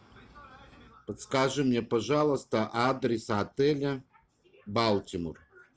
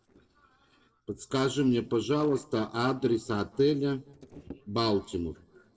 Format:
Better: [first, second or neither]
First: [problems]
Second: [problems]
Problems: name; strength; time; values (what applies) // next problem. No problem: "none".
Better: first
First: none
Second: noise reduction (neural separator model SepFormer DNS4)